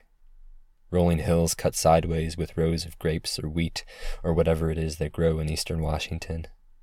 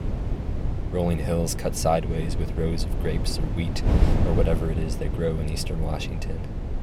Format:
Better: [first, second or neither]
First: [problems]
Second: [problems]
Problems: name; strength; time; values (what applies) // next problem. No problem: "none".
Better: first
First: none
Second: wind noise on the microphone; heavy; 7 dB below the speech